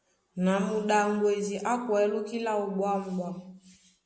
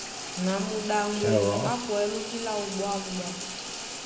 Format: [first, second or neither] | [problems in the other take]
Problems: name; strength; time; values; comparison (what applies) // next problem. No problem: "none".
first | background sound (Bathtub (filling or washing) / Water tap, faucet); 1 dB below the speech